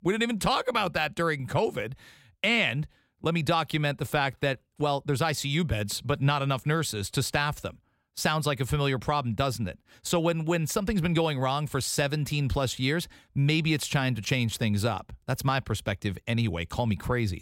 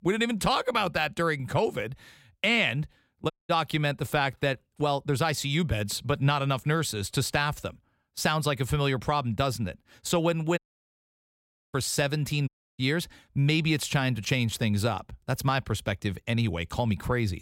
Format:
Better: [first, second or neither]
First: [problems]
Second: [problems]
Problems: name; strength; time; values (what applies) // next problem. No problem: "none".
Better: first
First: none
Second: audio cutting out; at 3.5 s, at 11 s for 1 s and at 12 s